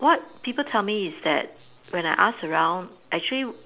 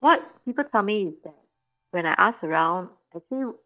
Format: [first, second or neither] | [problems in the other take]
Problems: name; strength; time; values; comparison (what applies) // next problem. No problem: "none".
first | noise reduction (neural mask model DeepFilterNet 3)